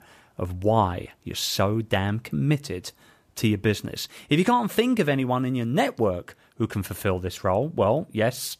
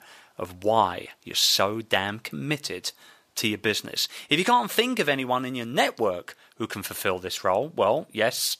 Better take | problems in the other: first | thin; somewhat; fading below 700 Hz

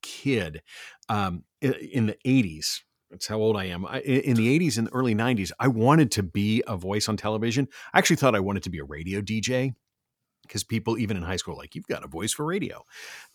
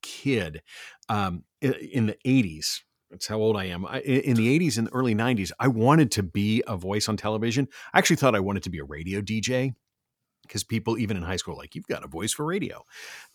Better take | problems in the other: neither | none

